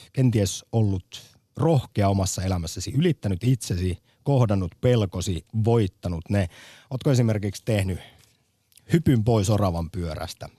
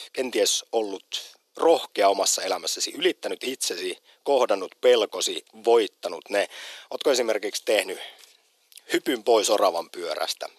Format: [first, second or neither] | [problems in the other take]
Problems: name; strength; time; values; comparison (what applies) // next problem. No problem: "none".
first | thin; very; fading below 400 Hz